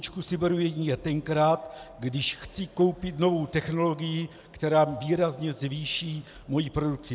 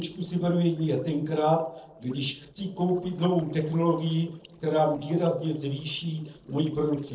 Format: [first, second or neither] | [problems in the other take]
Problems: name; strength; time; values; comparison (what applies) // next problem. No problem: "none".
first | noise reduction (neural separator model SepFormer DNS4)